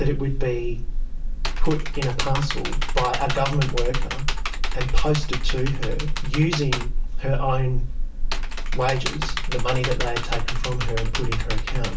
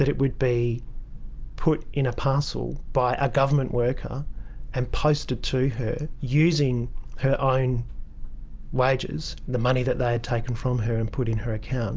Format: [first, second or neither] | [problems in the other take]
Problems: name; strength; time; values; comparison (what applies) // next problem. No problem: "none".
second | background sound (Computer keyboard); 12 dB below the speech // room echo; dies away in 0.3 s